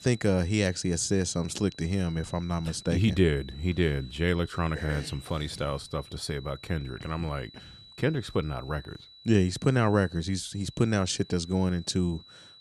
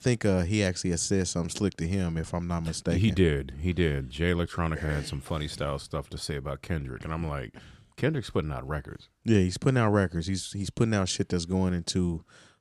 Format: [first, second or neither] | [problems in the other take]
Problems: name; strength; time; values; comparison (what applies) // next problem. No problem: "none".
second | high-pitched whine; faint; throughout; 4 kHz, 20 dB below the speech